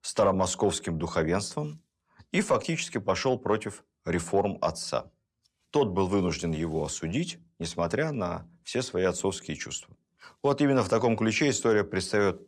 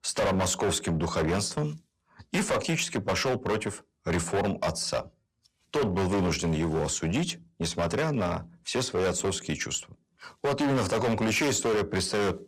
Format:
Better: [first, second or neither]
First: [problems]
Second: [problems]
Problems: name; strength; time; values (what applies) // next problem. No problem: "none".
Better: first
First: none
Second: distortion; heavy; 16% of the sound clipped